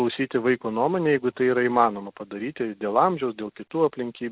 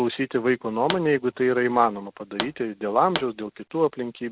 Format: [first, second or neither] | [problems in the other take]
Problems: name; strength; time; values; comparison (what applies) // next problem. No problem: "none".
first | background sound (Explosion); 11 dB below the speech